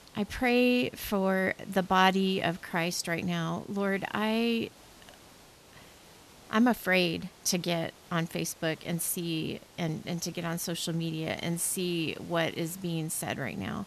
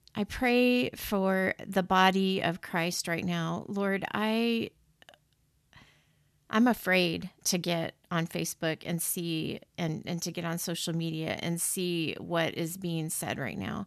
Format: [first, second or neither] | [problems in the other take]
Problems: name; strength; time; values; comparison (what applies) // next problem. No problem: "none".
second | hiss; faint; throughout; 25 dB below the speech